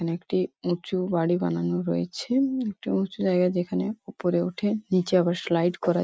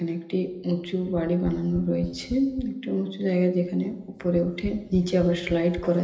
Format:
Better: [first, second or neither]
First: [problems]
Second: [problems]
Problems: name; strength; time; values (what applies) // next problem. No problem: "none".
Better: first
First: none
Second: background sound (Tap); 15 dB below the speech // room echo; dies away in 1.4 s